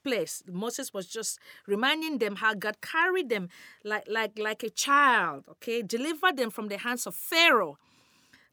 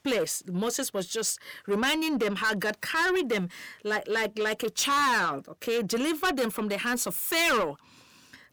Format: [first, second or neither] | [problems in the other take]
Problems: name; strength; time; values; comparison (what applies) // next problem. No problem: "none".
first | distortion; heavy; 6 dB below the speech